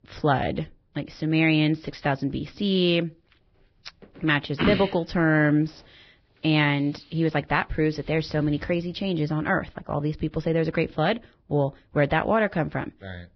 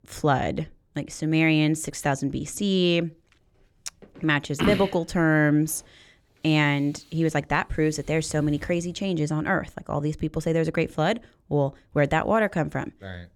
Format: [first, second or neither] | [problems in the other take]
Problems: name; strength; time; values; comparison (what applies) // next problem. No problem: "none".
second | garbled, watery; badly; nothing above 5.5 kHz